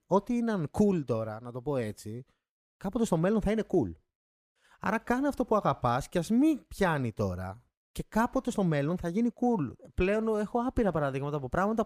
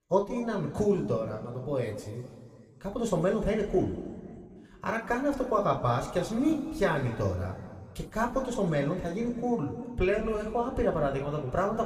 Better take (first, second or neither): first